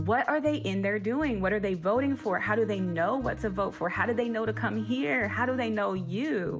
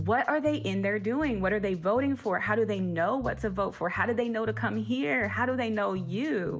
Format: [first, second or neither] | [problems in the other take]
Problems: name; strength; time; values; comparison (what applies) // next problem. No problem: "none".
second | background sound (Bowed string instrument); 20 dB below the speech